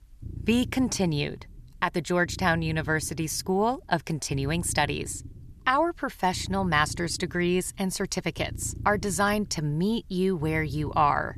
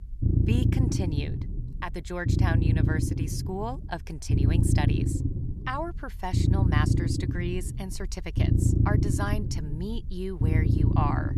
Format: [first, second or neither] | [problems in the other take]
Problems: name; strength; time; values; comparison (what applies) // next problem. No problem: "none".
first | low rumble; loud; throughout; 1 dB below the speech; faint in the first